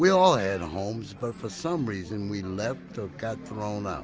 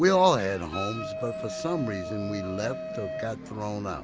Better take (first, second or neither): first